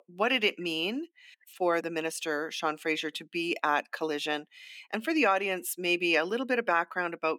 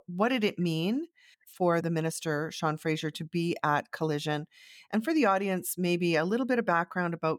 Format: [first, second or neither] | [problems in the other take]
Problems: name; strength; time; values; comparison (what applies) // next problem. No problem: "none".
second | thin; somewhat; fading below 250 Hz